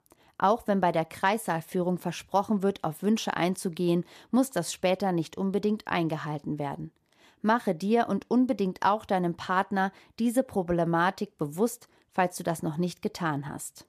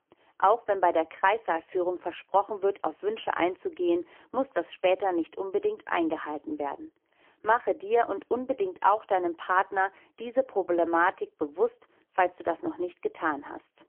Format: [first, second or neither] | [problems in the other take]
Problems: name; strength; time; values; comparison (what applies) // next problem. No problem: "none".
first | phone-call audio; poor line; nothing above 3 kHz